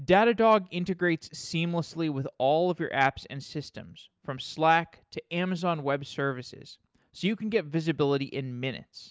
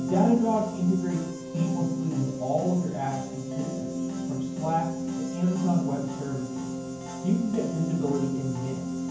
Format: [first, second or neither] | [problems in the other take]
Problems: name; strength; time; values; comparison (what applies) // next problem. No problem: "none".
first | background sound (Piano); 3 dB below the speech // room echo; dies away in 0.9 s